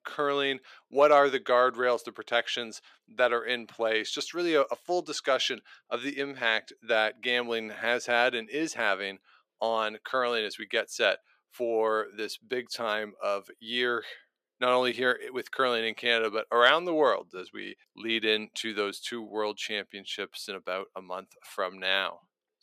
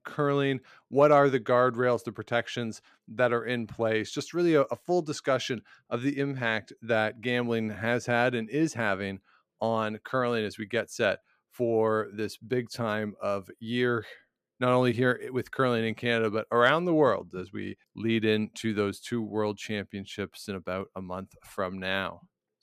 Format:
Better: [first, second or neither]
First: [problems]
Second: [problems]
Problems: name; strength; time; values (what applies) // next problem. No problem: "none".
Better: second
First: thin; somewhat; fading below 450 Hz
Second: none